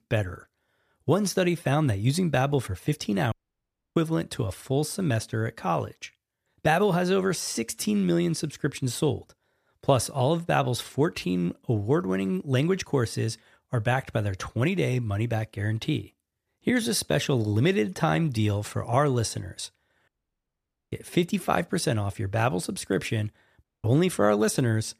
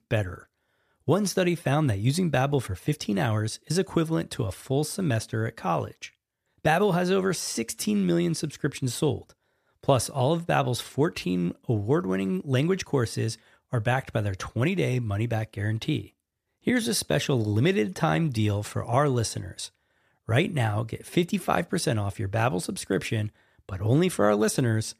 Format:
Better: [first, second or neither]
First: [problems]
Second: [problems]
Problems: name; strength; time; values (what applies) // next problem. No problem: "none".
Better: second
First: audio cutting out; at 3.5 s for 0.5 s, at 20 s for 1 s and at 24 s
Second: none